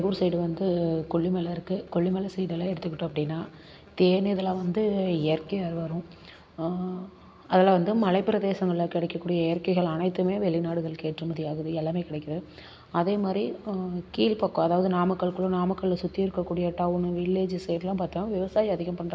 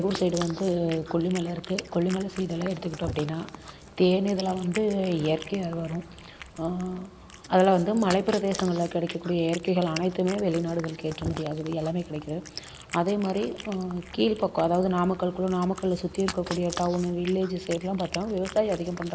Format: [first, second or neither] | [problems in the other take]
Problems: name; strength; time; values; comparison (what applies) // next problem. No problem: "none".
first | background sound (Cat); 15 dB below the speech